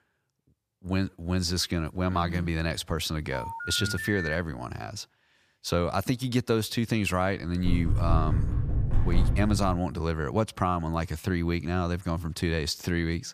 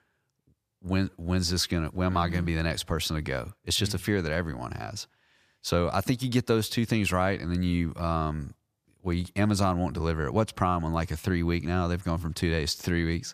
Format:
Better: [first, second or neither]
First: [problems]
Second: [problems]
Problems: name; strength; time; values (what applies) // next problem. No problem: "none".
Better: second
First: phone ringing; noticeable; from 3.5 to 4.5 s; peak 4 dB below the speech // door banging; loud; from 7.5 to 9.5 s; peak 2 dB above the speech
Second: none